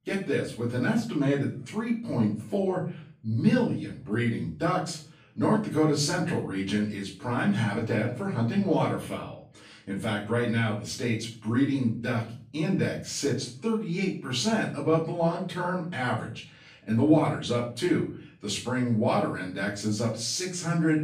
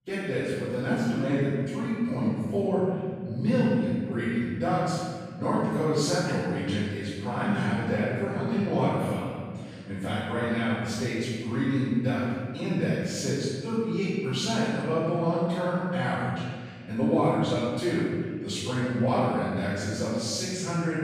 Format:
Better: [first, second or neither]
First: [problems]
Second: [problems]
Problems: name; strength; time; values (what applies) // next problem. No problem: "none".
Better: first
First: room echo; slight; dies away in 0.4 s // off-mic speech; far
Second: room echo; strong; dies away in 1.9 s // off-mic speech; far